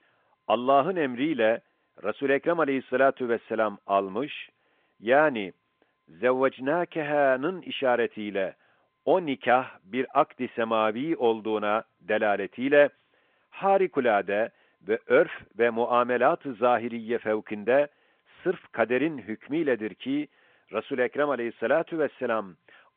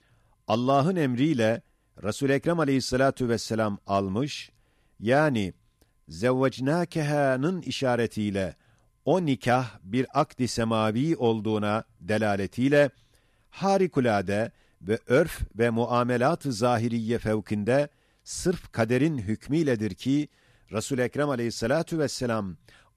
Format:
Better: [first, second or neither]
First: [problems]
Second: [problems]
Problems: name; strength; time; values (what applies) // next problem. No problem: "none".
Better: second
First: phone-call audio; nothing above 3.5 kHz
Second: none